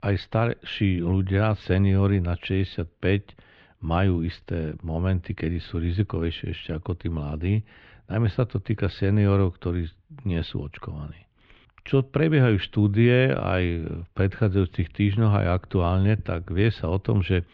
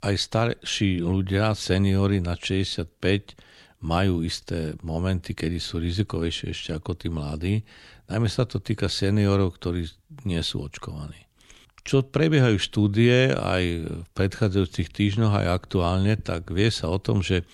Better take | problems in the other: second | muffled; very; fading above 3 kHz

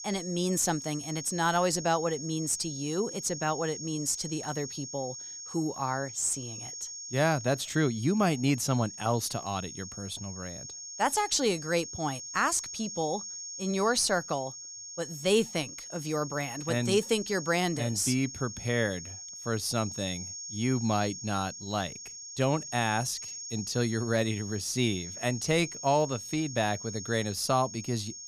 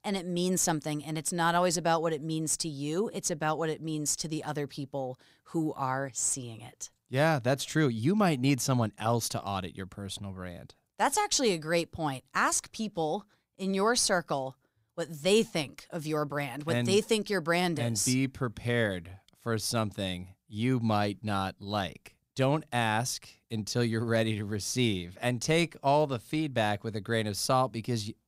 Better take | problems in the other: second | high-pitched whine; loud; throughout; 6.5 kHz, 9 dB below the speech

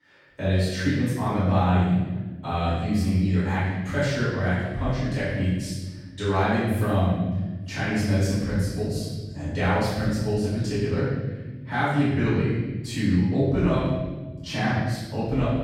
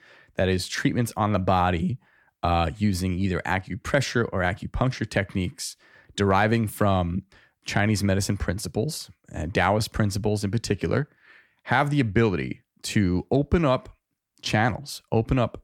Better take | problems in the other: second | room echo; strong; dies away in 1.5 s // off-mic speech; far

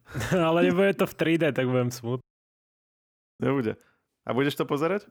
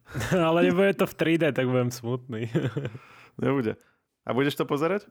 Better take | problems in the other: second | audio cutting out; at 2 s for 1 s

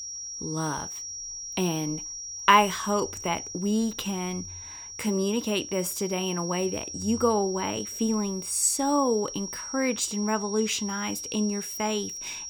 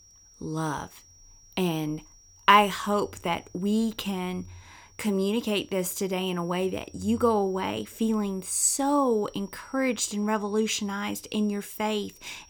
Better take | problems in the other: second | high-pitched whine; loud; throughout; 5.5 kHz, 7 dB below the speech; faint in the second

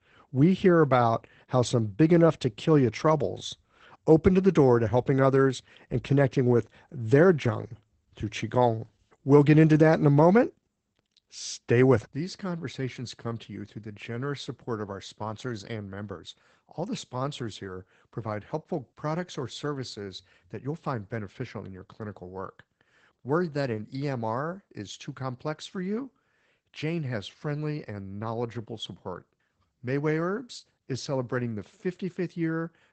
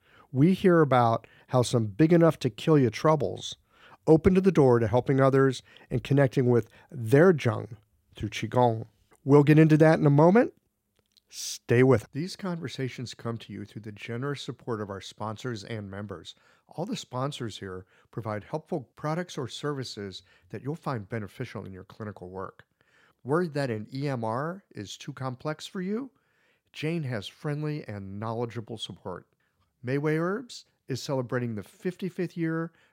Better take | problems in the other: second | garbled, watery; badly; nothing above 8 kHz

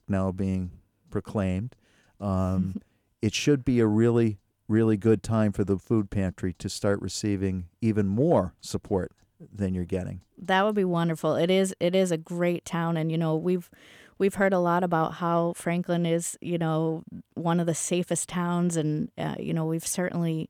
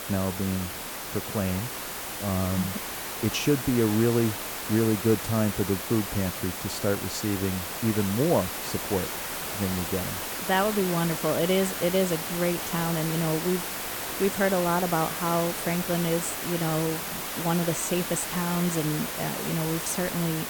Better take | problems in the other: first | hiss; loud; throughout; 4 dB below the speech

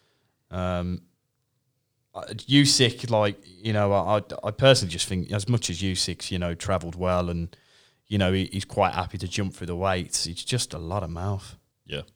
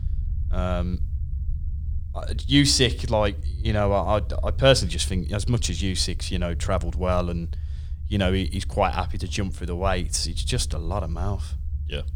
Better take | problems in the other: first | low rumble; faint; throughout; 25 dB below the speech

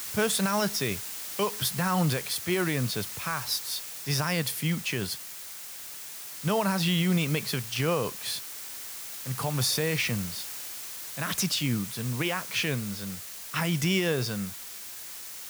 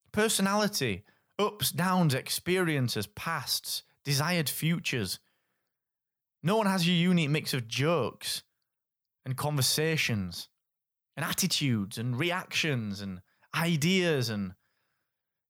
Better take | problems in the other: second | hiss; loud; throughout; 8 dB below the speech

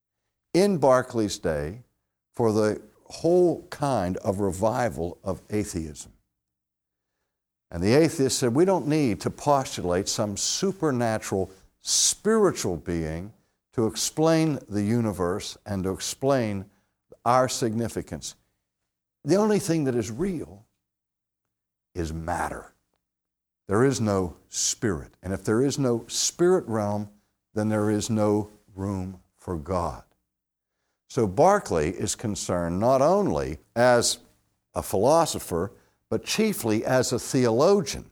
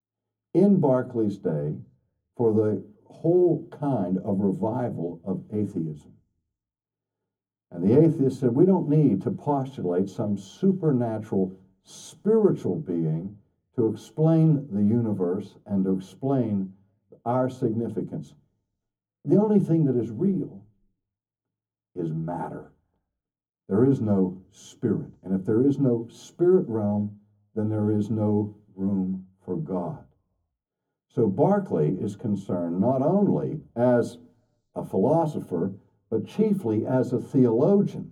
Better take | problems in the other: first | room echo; slight; dies away in 0.3 s // off-mic speech; far

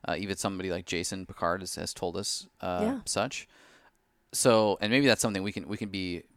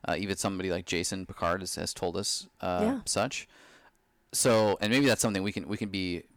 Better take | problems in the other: first | distortion; slight; 3% of the sound clipped

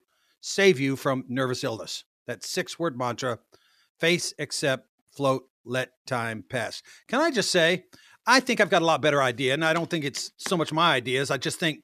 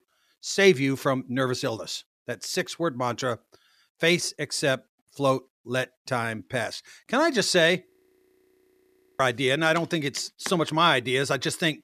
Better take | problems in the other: first | audio freezing; at 8 s for 1.5 s

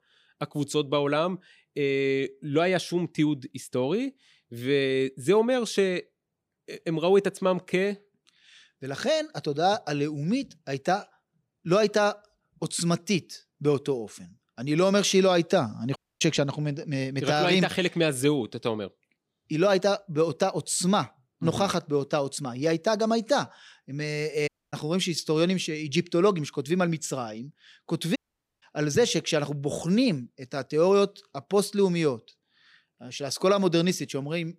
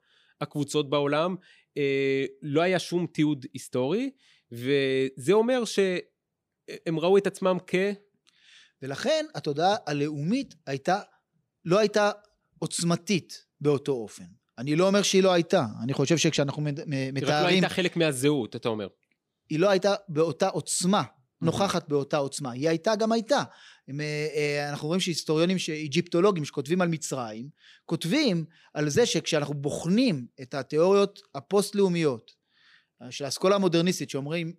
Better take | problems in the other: second | audio cutting out; at 16 s, at 24 s and at 28 s

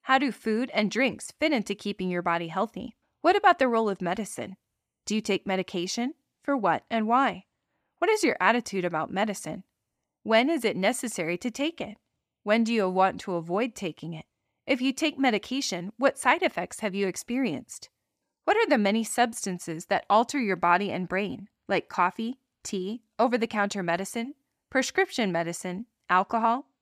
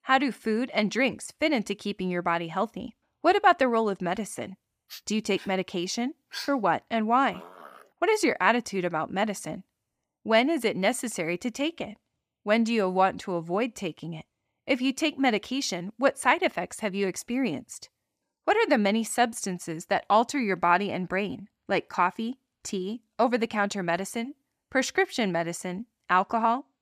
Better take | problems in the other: first | dog barking; faint; from 5 to 8 s; peak 10 dB below the speech

